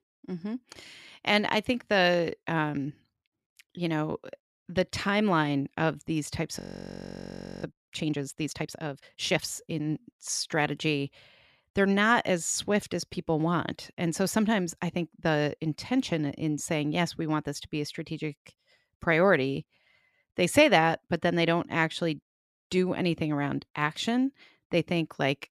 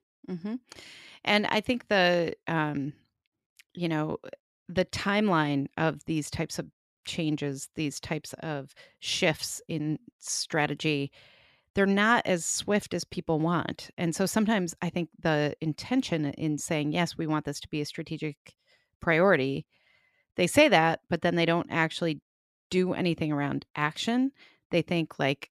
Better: second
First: audio freezing; at 6.5 s for 1 s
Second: none

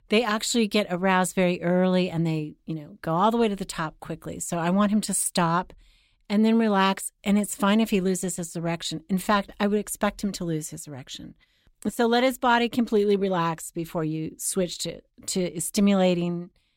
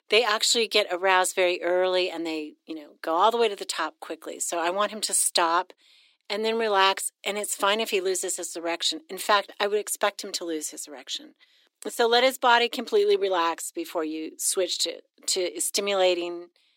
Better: first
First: none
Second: thin; very; fading below 300 Hz

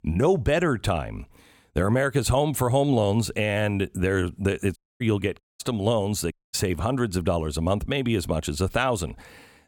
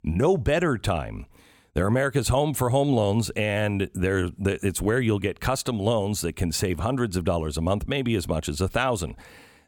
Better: second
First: audio cutting out; at 5 s, at 5.5 s and at 6.5 s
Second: none

